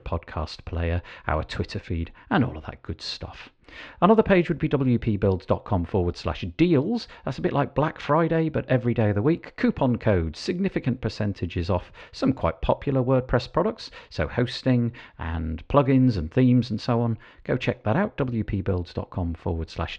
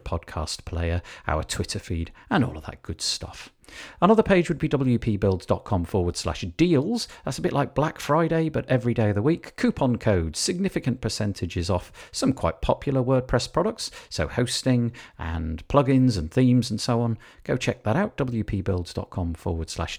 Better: second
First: muffled; slightly; fading above 3.5 kHz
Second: none

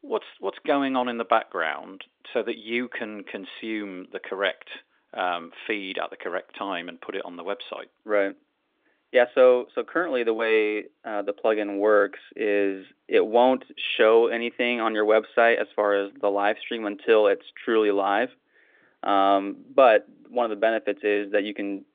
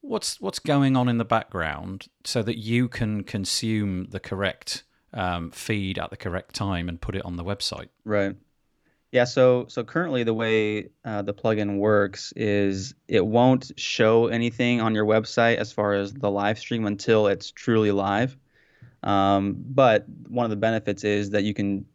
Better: second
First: phone-call audio; nothing above 3.5 kHz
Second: none

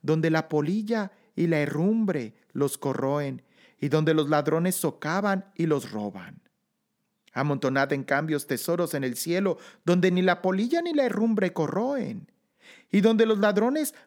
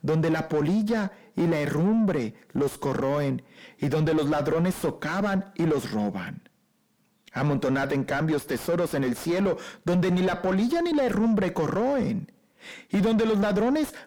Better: first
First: none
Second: distortion; heavy; 6 dB below the speech

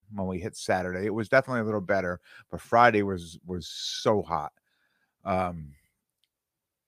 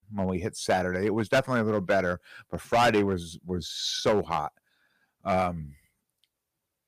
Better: first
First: none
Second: distortion; heavy; 3% of the sound clipped

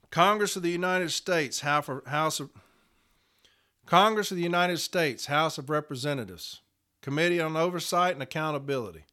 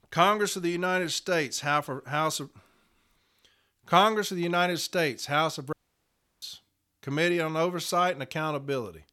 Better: first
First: none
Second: audio cutting out; at 5.5 s for 0.5 s

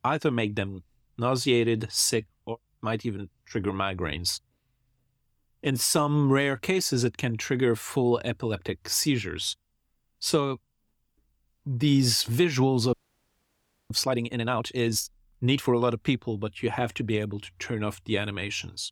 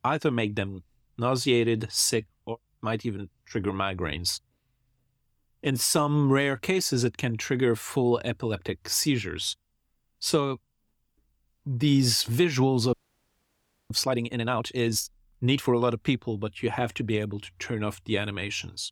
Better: neither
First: audio freezing; at 13 s for 1 s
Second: audio freezing; at 13 s for 1 s

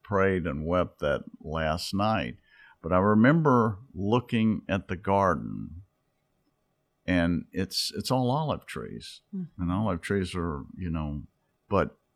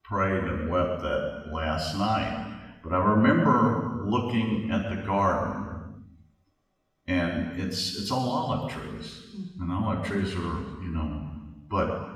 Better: first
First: none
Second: room echo; noticeable; dies away in 1.3 s // off-mic speech; far

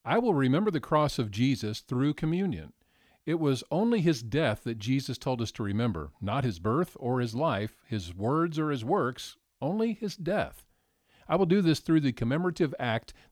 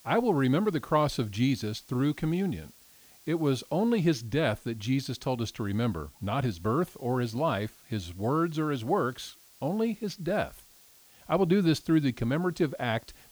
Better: first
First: none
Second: hiss; faint; throughout; 25 dB below the speech

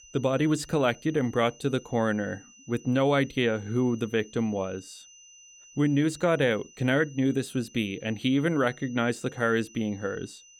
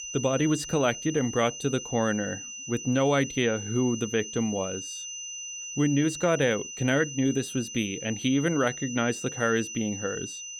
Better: first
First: high-pitched whine; faint; throughout; 6 kHz, 25 dB below the speech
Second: high-pitched whine; loud; throughout; 6 kHz, 9 dB below the speech

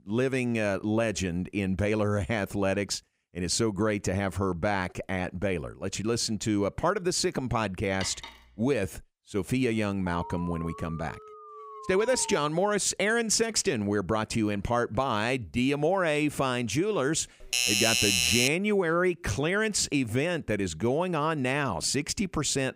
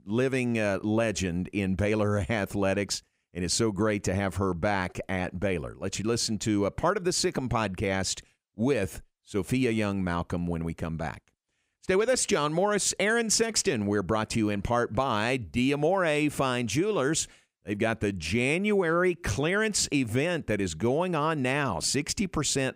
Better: second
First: clattering dishes; faint; at 8 s; peak 10 dB below the speech // alarm; faint; from 10 to 12 s; peak 10 dB below the speech // doorbell; loud; from 17 to 18 s; peak 6 dB above the speech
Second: none

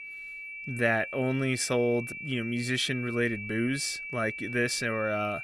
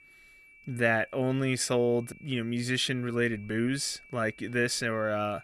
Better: second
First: high-pitched whine; loud; throughout; 2.5 kHz, 8 dB below the speech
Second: high-pitched whine; faint; throughout; 2.5 kHz, 25 dB below the speech

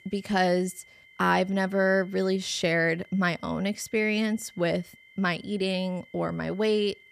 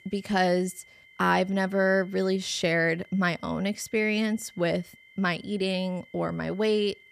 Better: neither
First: high-pitched whine; faint; throughout; 2 kHz, 25 dB below the speech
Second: high-pitched whine; faint; throughout; 2 kHz, 25 dB below the speech

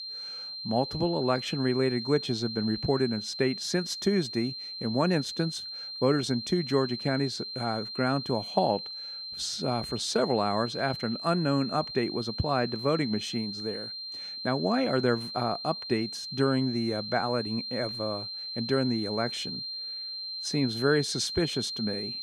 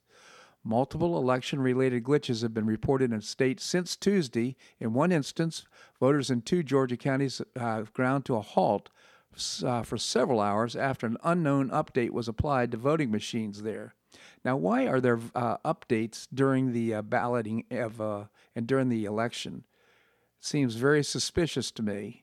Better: second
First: high-pitched whine; loud; throughout; 4 kHz, 6 dB below the speech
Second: none

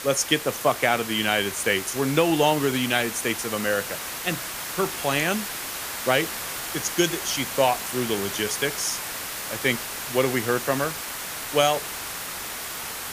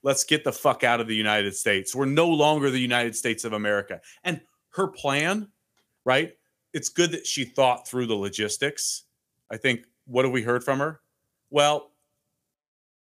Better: second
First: hiss; loud; throughout; 6 dB below the speech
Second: none

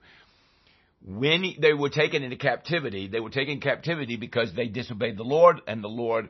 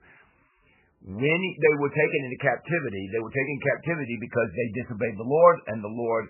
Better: first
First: garbled, watery; slightly; nothing above 6 kHz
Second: garbled, watery; badly; nothing above 3 kHz

